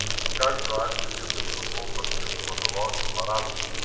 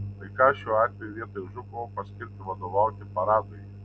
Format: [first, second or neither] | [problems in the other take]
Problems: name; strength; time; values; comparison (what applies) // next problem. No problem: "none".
second | background sound (Insect); 4 dB above the speech // room echo; dies away in 0.8 s